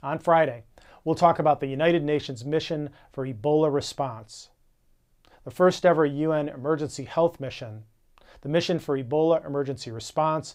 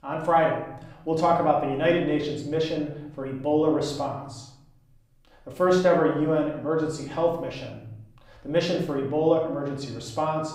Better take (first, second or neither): first